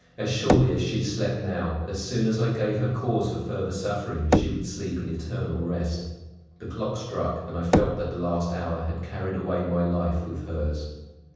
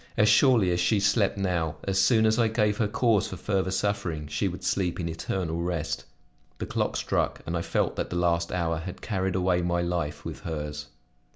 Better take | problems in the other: second | background sound (Knock / Wood); 4 dB below the speech // room echo; dies away in 1.1 s

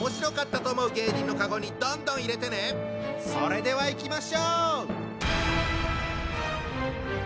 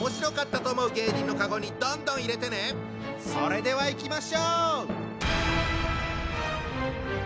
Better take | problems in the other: second | background sound (Wind instrument, woodwind instrument); 12 dB below the speech

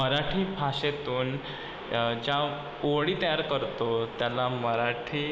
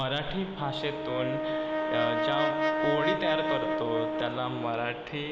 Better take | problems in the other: first | background sound (Brass instrument); 2 dB above the speech

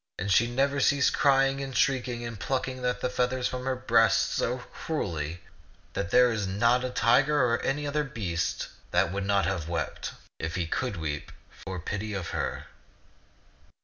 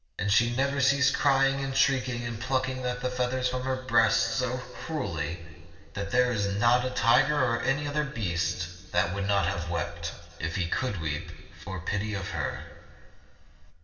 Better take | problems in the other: first | room echo; dies away in 2.2 s

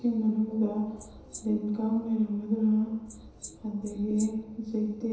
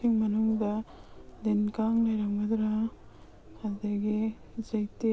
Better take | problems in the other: second | background sound (Wild animals); 17 dB below the speech // room echo; dies away in 1 s

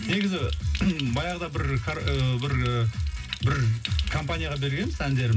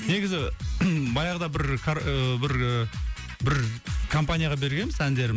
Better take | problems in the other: second | background sound (Stream); 16 dB below the speech // room echo; dies away in 0.4 s

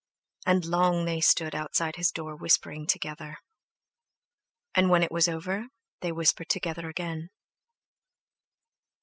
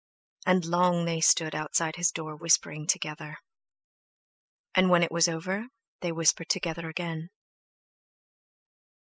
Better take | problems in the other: first | noise reduction (neural mask model Resemble Enhance denoiser)

